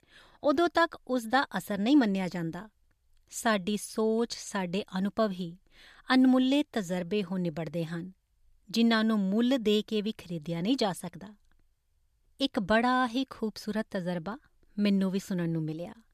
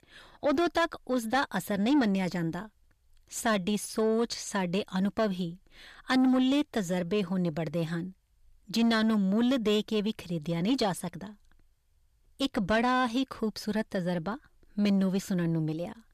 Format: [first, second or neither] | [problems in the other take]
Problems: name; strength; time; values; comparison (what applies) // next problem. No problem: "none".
first | distortion; slight; 10 dB below the speech